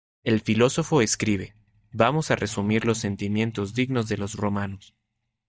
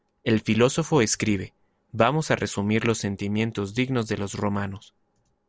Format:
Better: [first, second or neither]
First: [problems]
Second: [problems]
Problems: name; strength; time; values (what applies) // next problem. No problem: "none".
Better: second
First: noise reduction (neural mask model DeepFilterNet 3)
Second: none